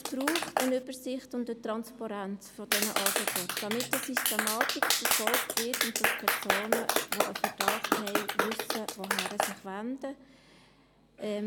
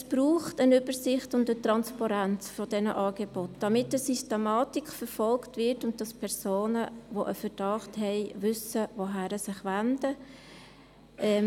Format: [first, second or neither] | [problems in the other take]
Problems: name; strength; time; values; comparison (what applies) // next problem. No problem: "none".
second | background sound (Clapping); 5 dB above the speech